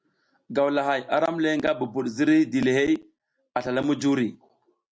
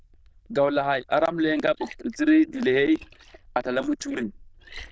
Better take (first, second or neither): first